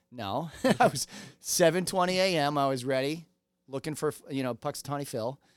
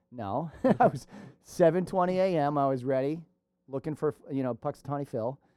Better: first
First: none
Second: muffled; very; fading above 2 kHz

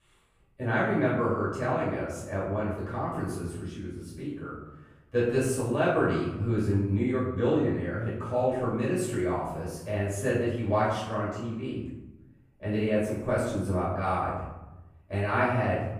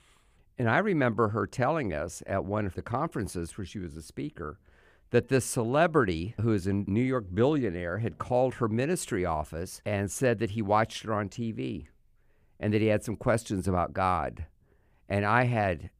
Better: second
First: off-mic speech; far // room echo; noticeable; dies away in 0.8 s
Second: none

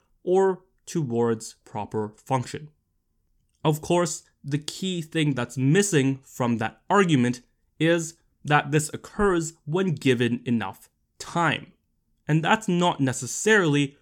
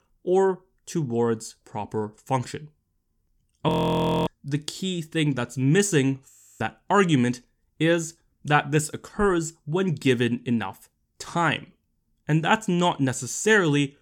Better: first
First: none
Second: audio freezing; at 3.5 s for 0.5 s and at 6.5 s

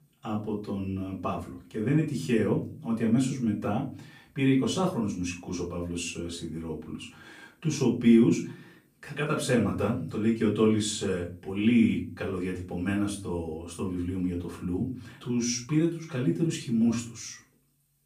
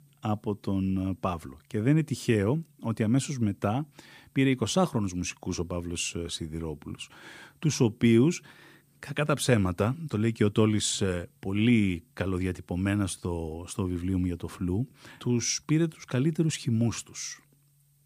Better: second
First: off-mic speech; far // room echo; slight; dies away in 0.3 s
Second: none

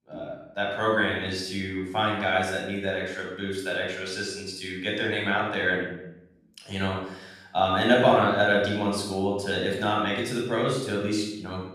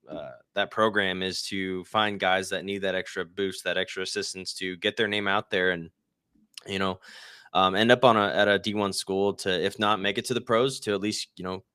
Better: second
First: off-mic speech; far // room echo; noticeable; dies away in 0.8 s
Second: none

